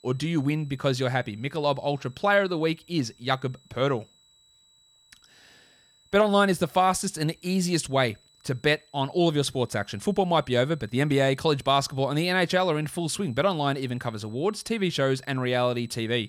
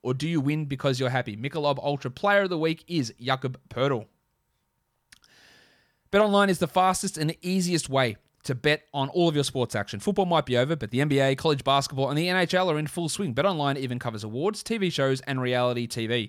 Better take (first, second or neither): second